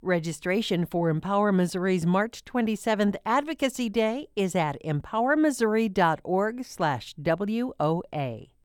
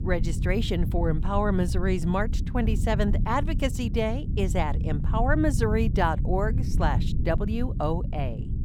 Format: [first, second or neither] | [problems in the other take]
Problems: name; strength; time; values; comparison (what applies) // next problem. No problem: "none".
first | low rumble; noticeable; throughout; 15 dB below the speech